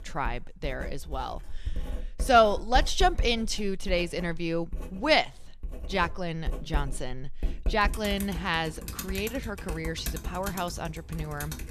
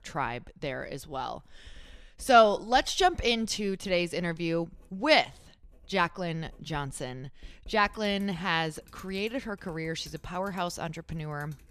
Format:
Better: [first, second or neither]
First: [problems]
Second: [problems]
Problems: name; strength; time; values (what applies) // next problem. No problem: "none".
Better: second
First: household noises; loud; throughout; 9 dB below the speech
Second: household noises; faint; throughout; 25 dB below the speech